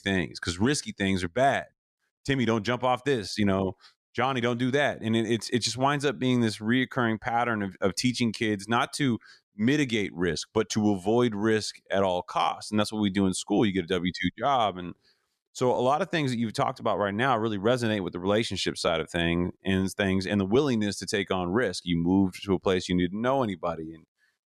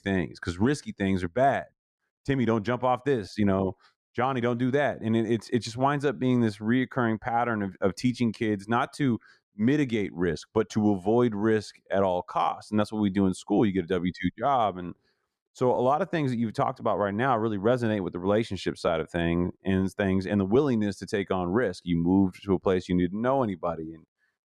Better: first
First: none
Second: muffled; slightly; fading above 2 kHz

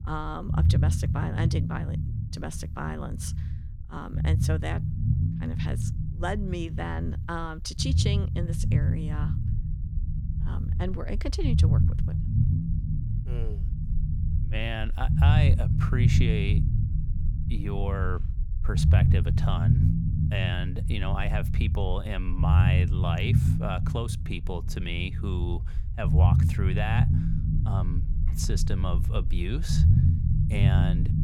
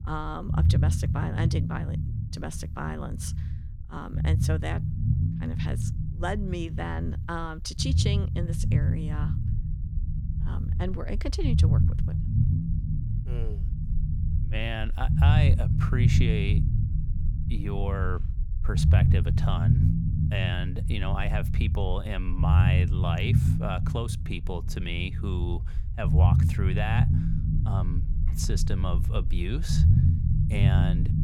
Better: neither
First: low rumble; loud; throughout; 4 dB below the speech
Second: low rumble; loud; throughout; 4 dB below the speech

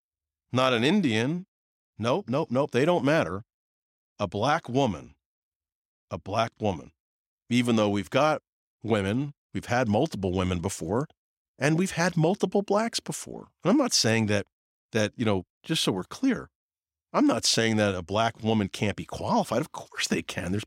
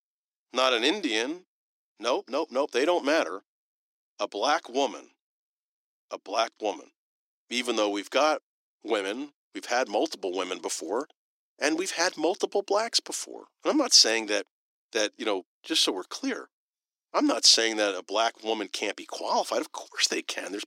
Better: first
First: none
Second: thin; somewhat; fading below 300 Hz

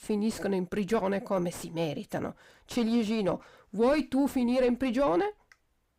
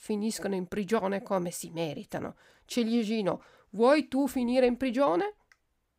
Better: second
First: distortion; slight; 10 dB below the speech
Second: none

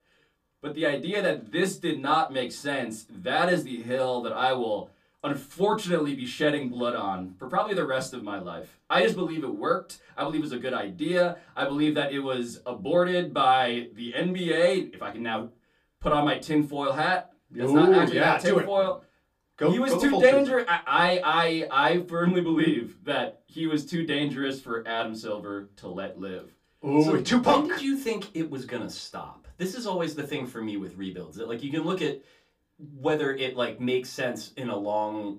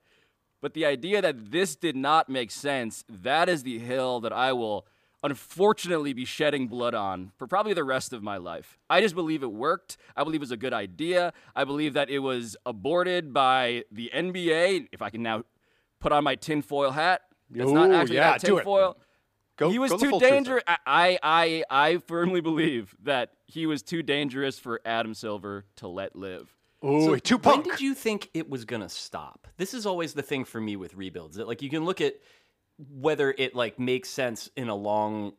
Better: second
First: off-mic speech; somewhat distant // room echo; very slight; dies away in 0.2 s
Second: none

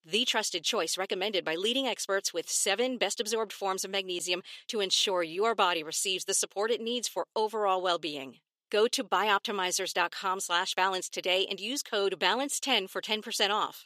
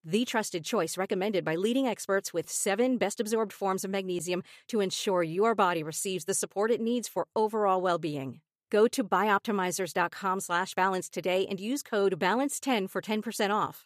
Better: second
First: thin; very slightly; fading below 350 Hz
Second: none

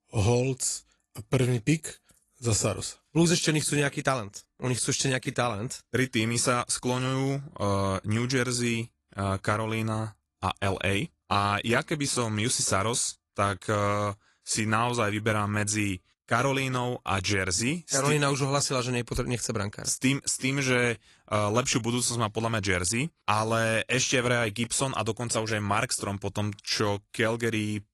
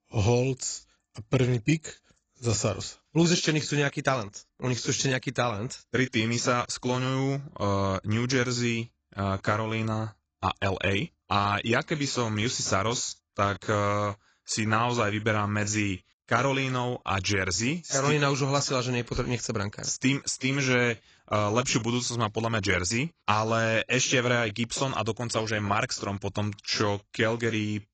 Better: first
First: garbled, watery; slightly; nothing above 11 kHz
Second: garbled, watery; badly; nothing above 7.5 kHz

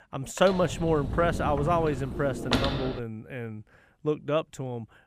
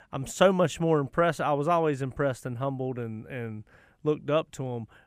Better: second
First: door banging; loud; until 3 s; peak 2 dB above the speech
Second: none

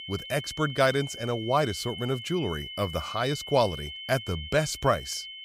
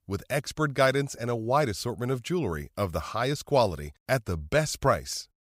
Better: second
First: high-pitched whine; loud; throughout; 3 kHz, 10 dB below the speech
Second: none

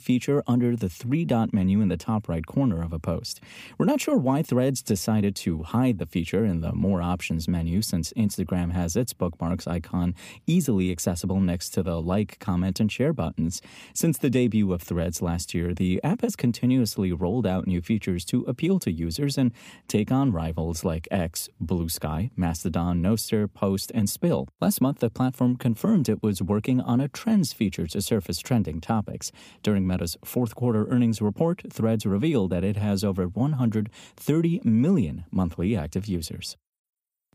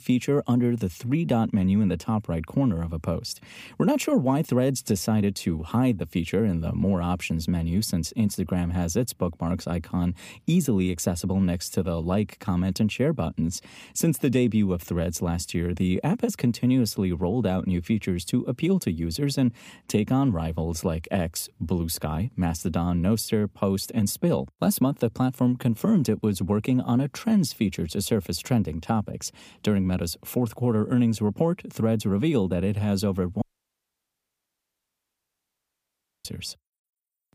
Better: first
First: none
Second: audio cutting out; at 33 s for 3 s

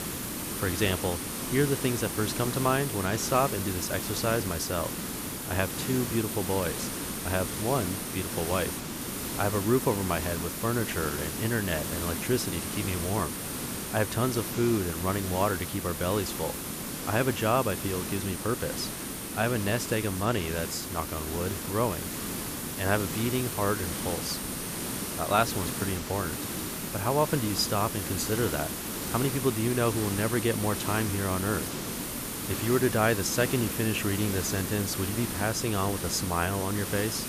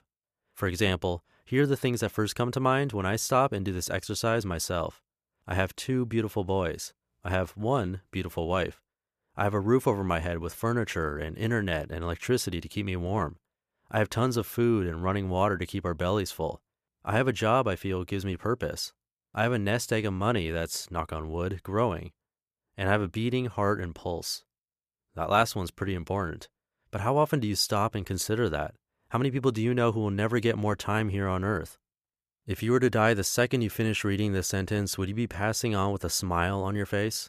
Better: second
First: hiss; loud; throughout; 3 dB below the speech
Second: none

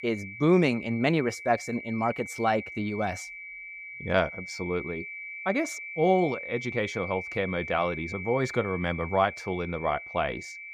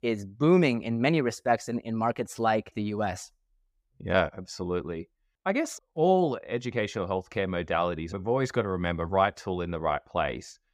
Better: second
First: high-pitched whine; loud; throughout; 2.5 kHz, 9 dB below the speech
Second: none

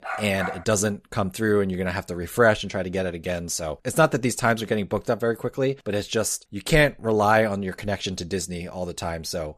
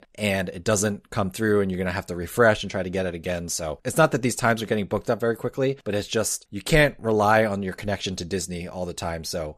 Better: second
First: dog barking; noticeable; at the start; peak 7 dB below the speech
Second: none

